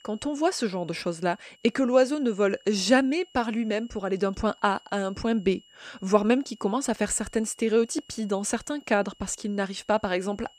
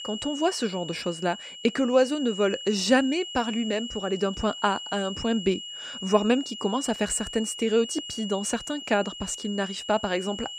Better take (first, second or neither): first